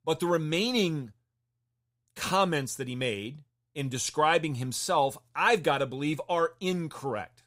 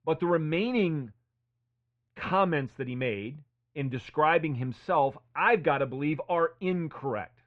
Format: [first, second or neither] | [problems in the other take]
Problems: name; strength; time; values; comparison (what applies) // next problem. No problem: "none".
first | muffled; very; fading above 2.5 kHz